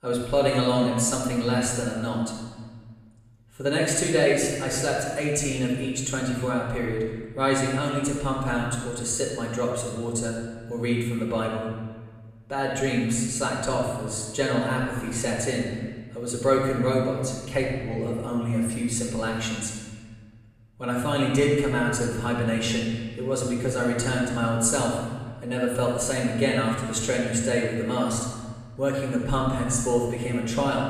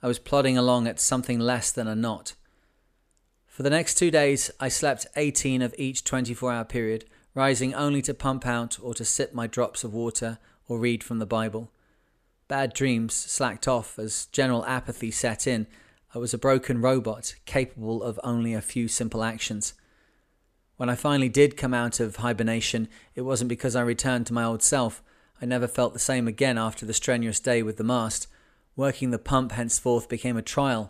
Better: second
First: off-mic speech; far // room echo; noticeable; dies away in 1.5 s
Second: none

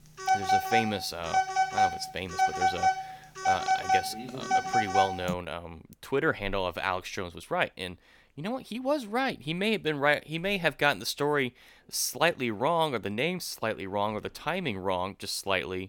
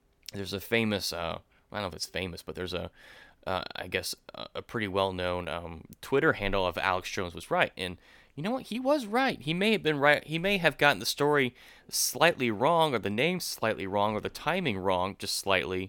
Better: second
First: phone ringing; loud; until 5.5 s; peak 5 dB above the speech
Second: none

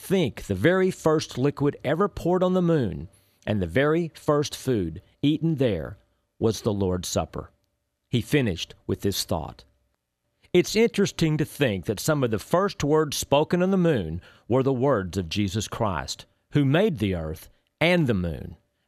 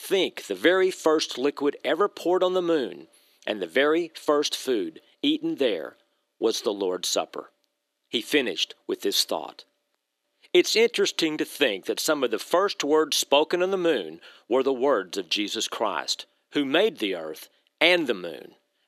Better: first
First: none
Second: thin; somewhat; fading below 300 Hz

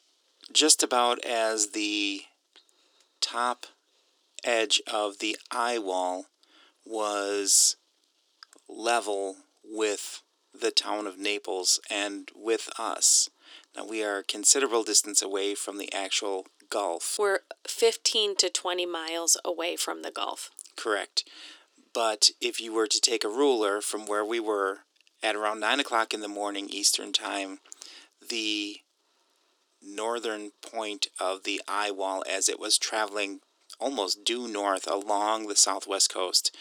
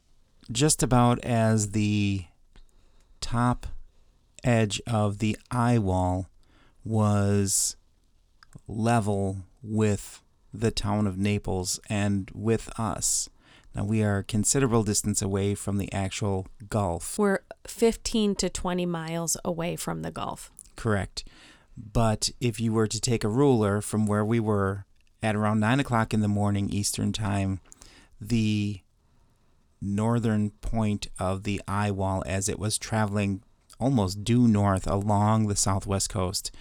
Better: second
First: thin; very; fading below 300 Hz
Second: none

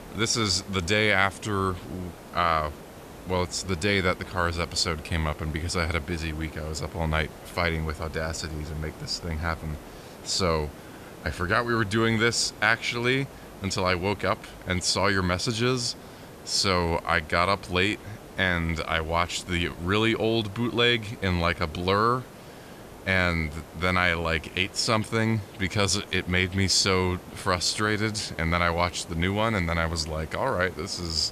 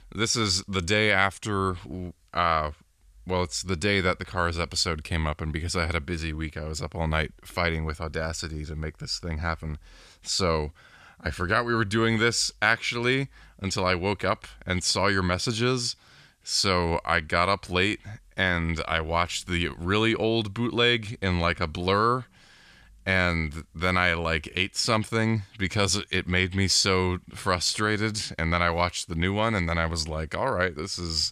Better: second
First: hiss; noticeable; throughout; 20 dB below the speech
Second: none

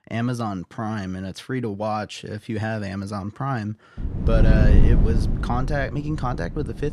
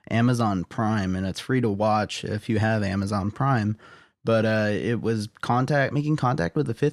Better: second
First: wind noise on the microphone; heavy; from 4 s on; 4 dB below the speech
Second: none

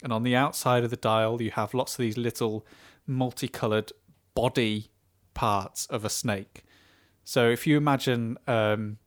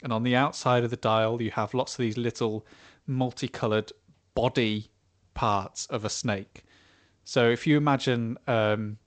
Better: first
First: none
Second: garbled, watery; slightly; nothing above 8 kHz

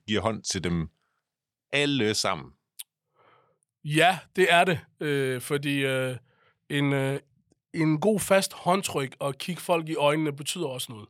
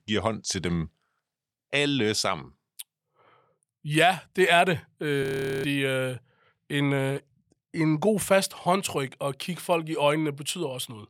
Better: first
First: none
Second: audio freezing; at 5 s

